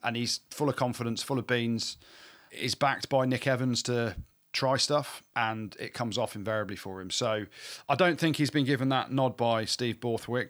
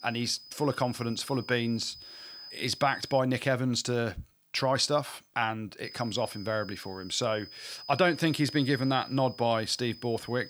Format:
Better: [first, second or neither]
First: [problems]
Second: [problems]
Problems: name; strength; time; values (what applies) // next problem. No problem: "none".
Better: first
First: none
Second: high-pitched whine; noticeable; until 3 s and from 6 s on; 5 kHz, 15 dB below the speech